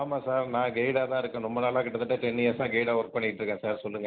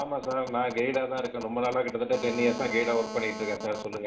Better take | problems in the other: first | background sound (Telephone); 12 dB below the speech // room echo; dies away in 1.7 s

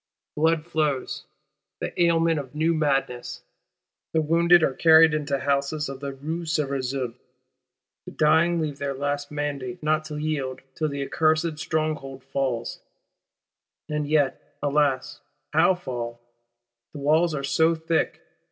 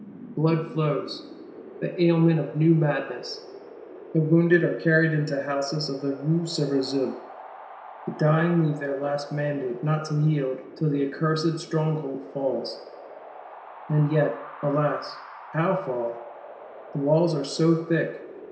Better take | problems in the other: first | background sound (Wind); 17 dB below the speech // room echo; dies away in 0.7 s

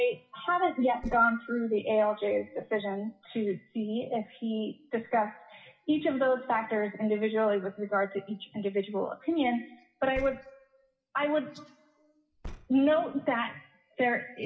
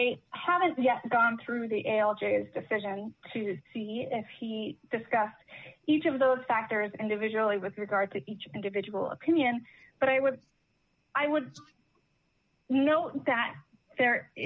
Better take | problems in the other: second | noise reduction (classical method WPE with log-MMSE)

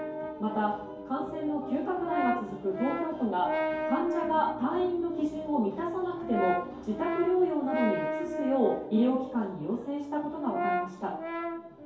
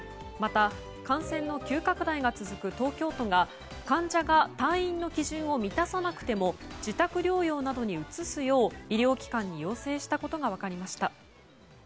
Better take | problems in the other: second | background sound (Brass instrument); 5 dB below the speech // room echo; dies away in 2.4 s

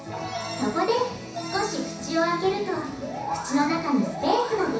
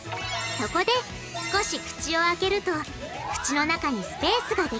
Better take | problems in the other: second | room echo; dies away in 0.7 s

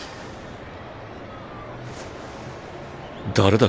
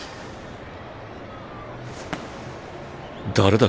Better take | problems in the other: first | background sound (Fireworks); 19 dB below the speech

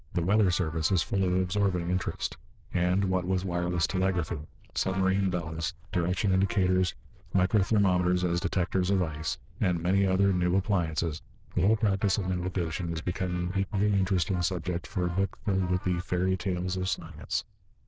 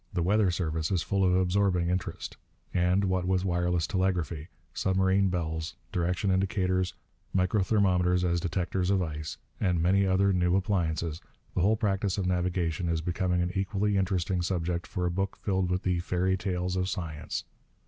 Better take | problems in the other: second | noise reduction (neural diffusion model UNIVERSE++)

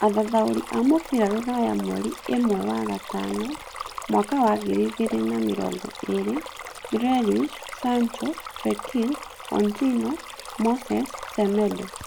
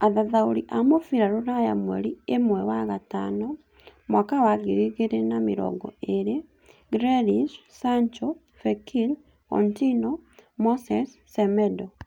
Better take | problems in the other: second | background sound (Stream); 13 dB below the speech

